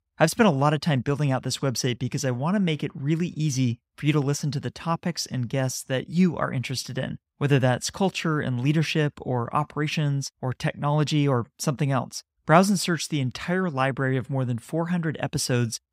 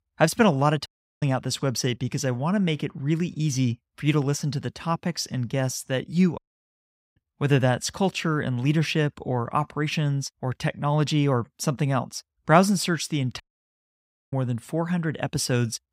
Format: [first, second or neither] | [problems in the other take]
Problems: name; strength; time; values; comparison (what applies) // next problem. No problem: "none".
first | audio cutting out; at 1 s, at 6.5 s for 1 s and at 13 s for 1 s